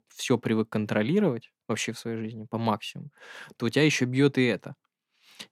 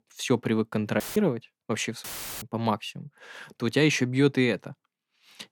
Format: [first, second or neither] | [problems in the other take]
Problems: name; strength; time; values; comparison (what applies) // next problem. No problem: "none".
first | audio cutting out; filled with static; at 1 s and at 2 s